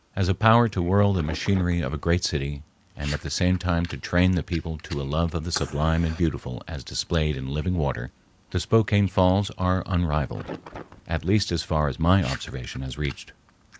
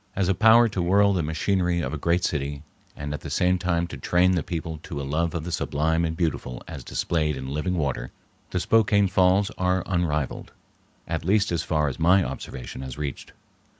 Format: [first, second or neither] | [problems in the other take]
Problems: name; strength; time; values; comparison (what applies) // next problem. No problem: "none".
second | noise reduction (neural mask model Resemble Enhance denoiser)